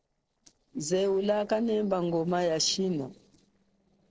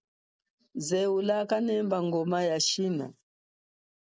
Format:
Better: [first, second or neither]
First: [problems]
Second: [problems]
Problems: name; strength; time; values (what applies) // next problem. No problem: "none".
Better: second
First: noise reduction (neural separator model SepFormer DNS4)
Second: none